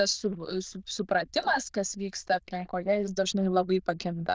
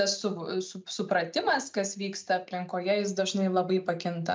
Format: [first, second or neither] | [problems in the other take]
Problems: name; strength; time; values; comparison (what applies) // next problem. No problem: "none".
second | noise reduction (neural diffusion model UNIVERSE++)